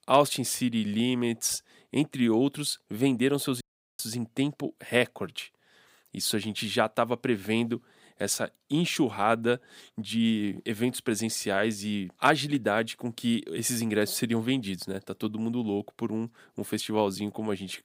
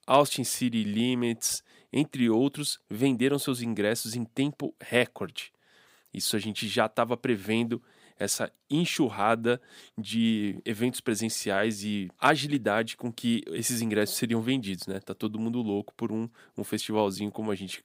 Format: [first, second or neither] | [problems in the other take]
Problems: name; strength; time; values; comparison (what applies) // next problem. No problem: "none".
second | audio cutting out; at 3.5 s